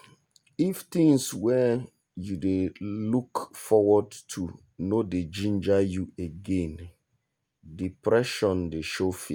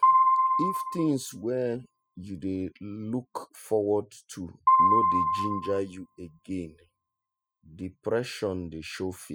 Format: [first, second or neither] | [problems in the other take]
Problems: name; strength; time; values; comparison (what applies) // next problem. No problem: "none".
first | noise reduction (classical method spectral subtraction)